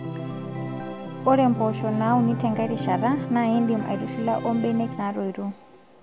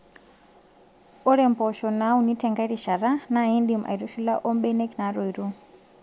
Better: second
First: background sound (Organ); 6 dB below the speech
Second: none

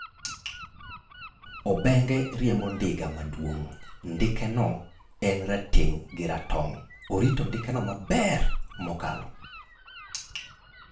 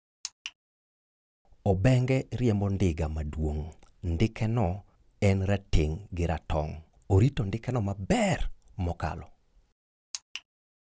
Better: second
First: background sound (Gull, seagull / Wind); 20 dB below the speech // room echo; dies away in 0.4 s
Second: none

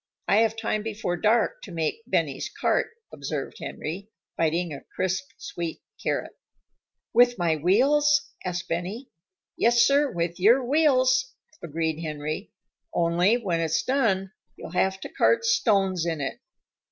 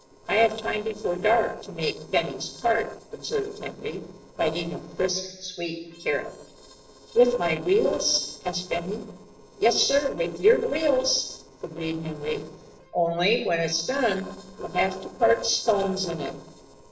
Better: first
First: none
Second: noise reduction (neural separator model SepFormer DNS4)

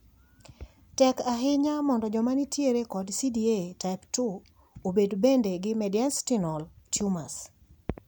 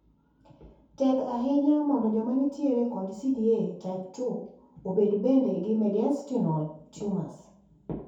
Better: first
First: none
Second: room echo; dies away in 0.6 s

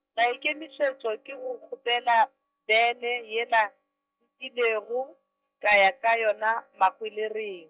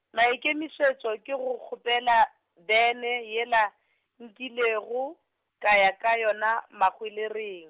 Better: second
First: noise reduction (neural mask model DeepFilterNet 3)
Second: none

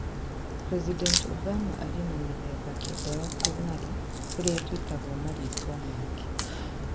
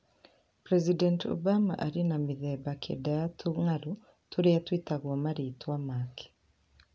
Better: second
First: background sound (Crack); 3 dB above the speech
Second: none

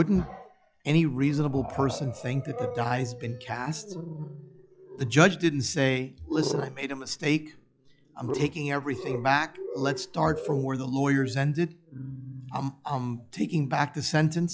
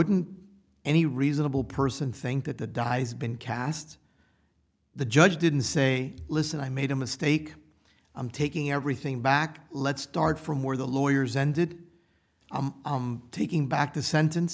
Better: second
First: noise reduction (classical method log-MMSE)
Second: none

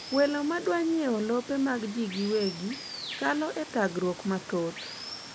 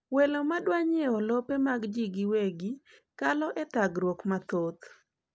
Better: second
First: background sound (Water); 12 dB below the speech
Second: none

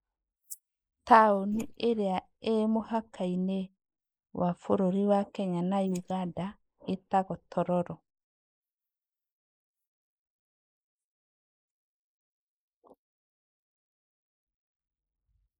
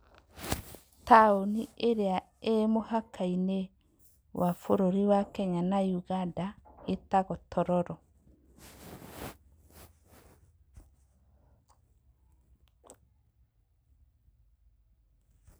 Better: second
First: noise reduction (neural mask model Resemble Enhance denoiser)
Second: none

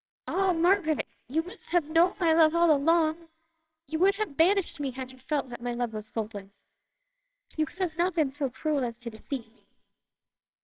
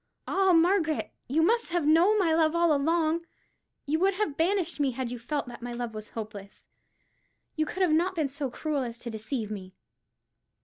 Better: second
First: noise reduction (neural separator model SepFormer WHAMR!)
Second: none

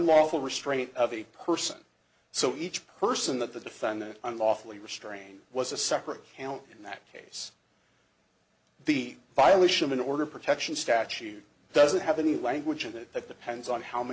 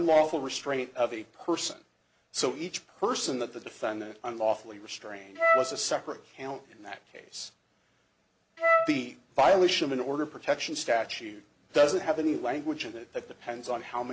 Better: first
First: none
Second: background sound (Wind instrument, woodwind instrument); 3 dB above the speech

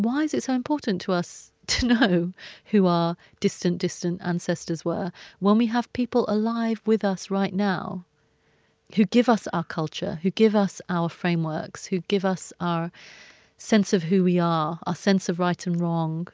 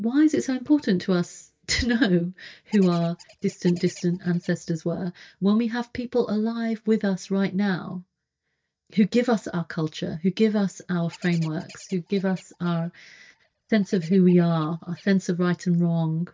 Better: first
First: none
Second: noise reduction (neural mask model DeepFilterNet 3)

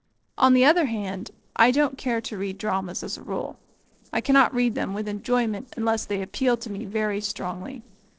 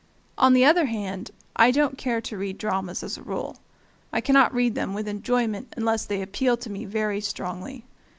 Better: second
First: noise reduction (neural separator model SepFormer DNS4)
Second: none

